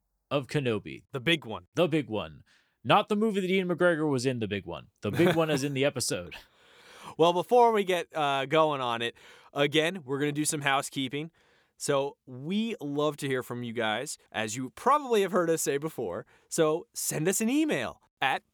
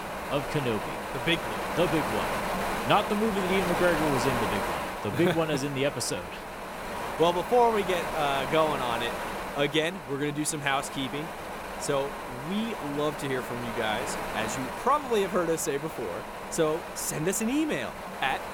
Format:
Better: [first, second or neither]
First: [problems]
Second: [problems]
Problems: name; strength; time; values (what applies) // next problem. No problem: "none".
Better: first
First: none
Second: wind noise on the microphone; heavy; 3 dB below the speech